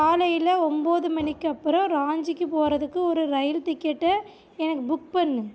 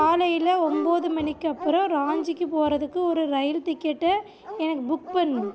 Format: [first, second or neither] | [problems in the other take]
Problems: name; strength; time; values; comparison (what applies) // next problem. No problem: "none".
first | background sound (Dog); 14 dB below the speech